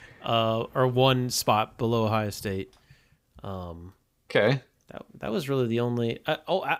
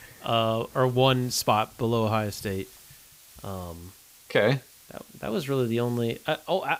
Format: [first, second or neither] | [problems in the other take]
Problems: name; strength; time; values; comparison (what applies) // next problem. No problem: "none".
first | hiss; faint; throughout; 25 dB below the speech